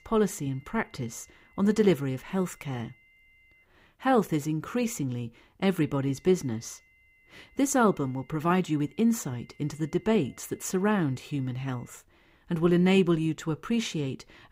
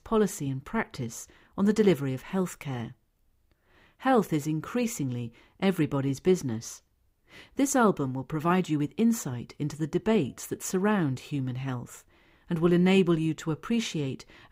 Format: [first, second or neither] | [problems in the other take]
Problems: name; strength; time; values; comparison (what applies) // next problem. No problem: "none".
second | high-pitched whine; faint; until 3.5 s and from 6 to 12 s; 2 kHz, 30 dB below the speech